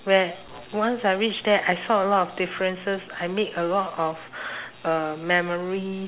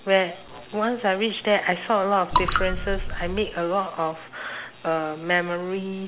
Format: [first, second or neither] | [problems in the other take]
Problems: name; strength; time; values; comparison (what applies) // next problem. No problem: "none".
first | background sound (Raindrop / Drip); as loud as the speech